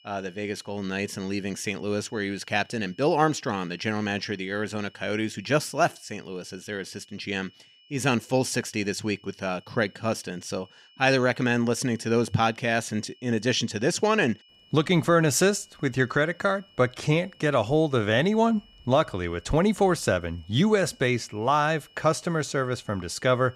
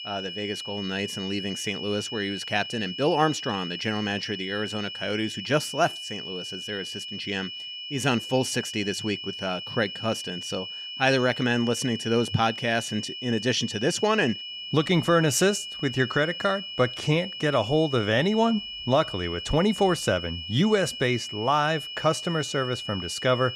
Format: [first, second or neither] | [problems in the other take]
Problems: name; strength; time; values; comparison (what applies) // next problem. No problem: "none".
first | high-pitched whine; loud; throughout; 3 kHz, 8 dB below the speech; faint in the first